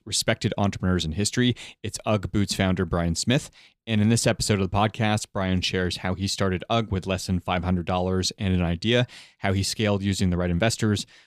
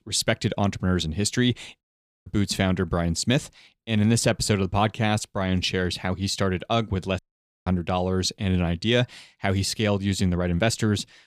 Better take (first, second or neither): first